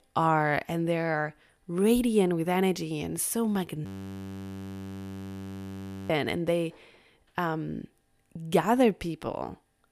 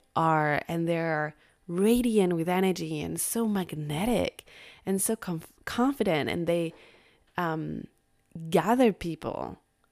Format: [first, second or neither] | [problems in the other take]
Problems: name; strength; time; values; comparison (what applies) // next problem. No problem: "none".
second | audio freezing; at 4 s for 2 s